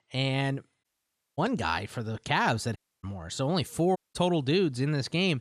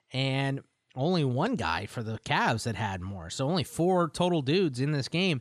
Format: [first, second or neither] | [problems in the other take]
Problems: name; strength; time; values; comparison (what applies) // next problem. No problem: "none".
second | audio cutting out; at 1 s for 0.5 s, at 3 s and at 4 s